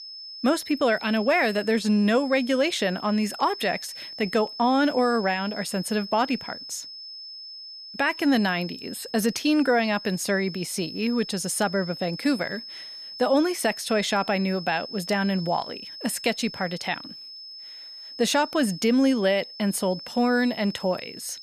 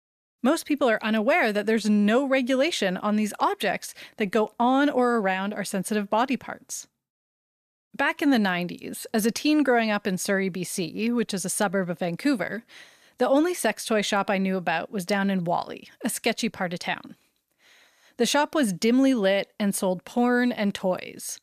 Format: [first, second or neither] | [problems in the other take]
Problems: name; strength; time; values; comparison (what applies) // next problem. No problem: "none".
second | high-pitched whine; noticeable; throughout; 5 kHz, 15 dB below the speech